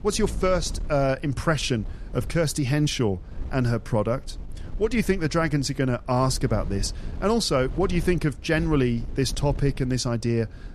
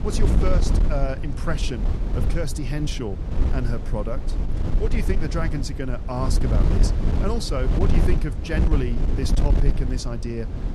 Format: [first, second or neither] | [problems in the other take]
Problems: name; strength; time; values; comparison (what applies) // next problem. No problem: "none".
first | wind noise on the microphone; heavy; 4 dB below the speech; occasional gusts in the first